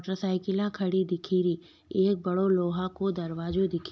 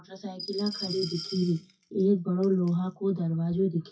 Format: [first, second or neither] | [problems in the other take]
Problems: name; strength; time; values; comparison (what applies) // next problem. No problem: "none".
first | noise reduction (classical method WPE with log-MMSE)